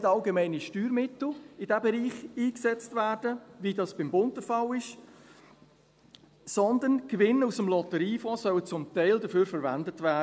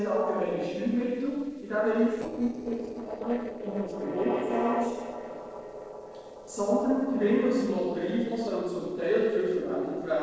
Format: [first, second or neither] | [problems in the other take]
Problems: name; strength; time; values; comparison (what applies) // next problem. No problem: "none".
first | noise reduction (neural separator model SepFormer DNS4)